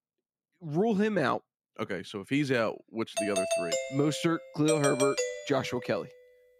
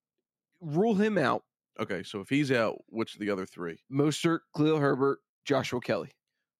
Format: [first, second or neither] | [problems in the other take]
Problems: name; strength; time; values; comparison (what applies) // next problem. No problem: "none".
second | doorbell; loud; from 3 to 6 s; peak 1 dB above the speech